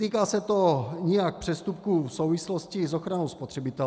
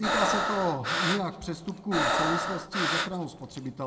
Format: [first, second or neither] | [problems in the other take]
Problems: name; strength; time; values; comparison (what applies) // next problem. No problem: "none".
first | background sound (Breathing); 2 dB above the speech // room echo; dies away in 0.9 s